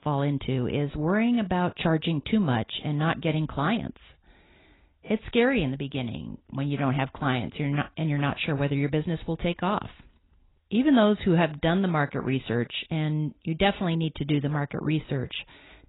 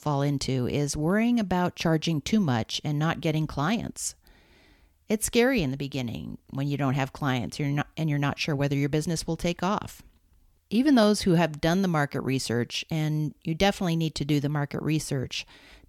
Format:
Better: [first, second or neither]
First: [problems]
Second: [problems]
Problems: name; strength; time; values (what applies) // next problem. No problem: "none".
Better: second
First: garbled, watery; badly; nothing above 4 kHz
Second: none